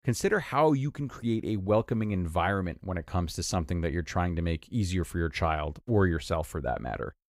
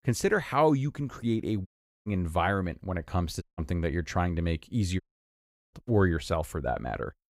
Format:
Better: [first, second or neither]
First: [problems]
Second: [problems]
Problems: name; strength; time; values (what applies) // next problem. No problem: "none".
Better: first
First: none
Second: audio cutting out; at 1.5 s, at 3.5 s and at 5 s for 0.5 s